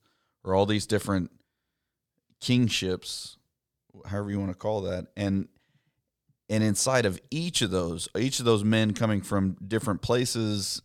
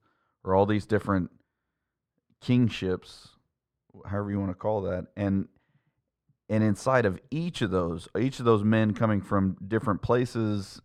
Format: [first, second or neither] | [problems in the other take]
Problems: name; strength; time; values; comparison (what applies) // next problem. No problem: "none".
first | muffled; very; fading above 3 kHz